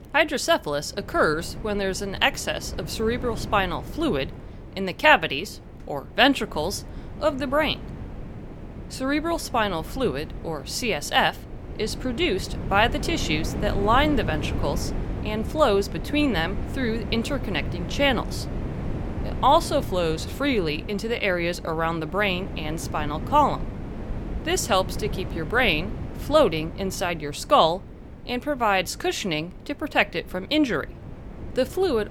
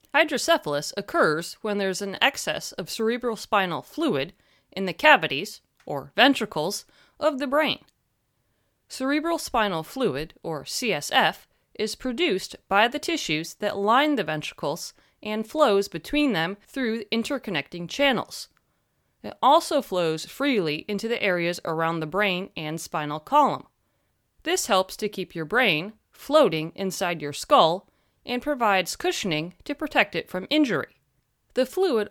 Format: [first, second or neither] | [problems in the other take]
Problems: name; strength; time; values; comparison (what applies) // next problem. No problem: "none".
second | wind noise on the microphone; occasional gusts; 15 dB below the speech